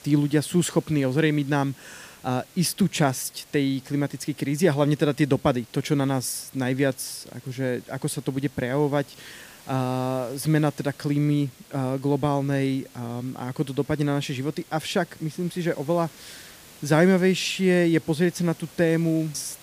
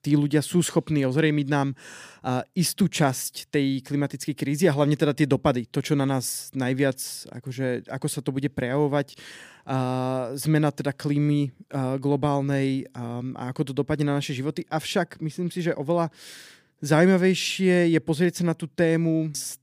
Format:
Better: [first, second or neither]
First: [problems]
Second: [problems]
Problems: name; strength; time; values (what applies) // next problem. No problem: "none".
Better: second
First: hiss; faint; throughout; 25 dB below the speech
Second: none